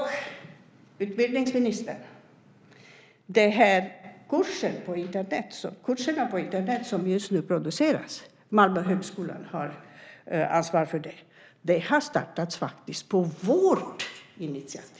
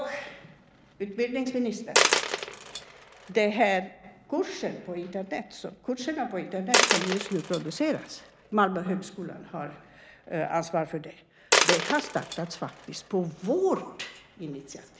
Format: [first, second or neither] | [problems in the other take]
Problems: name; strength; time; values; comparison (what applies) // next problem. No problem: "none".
first | background sound (Coin (dropping)); 2 dB below the speech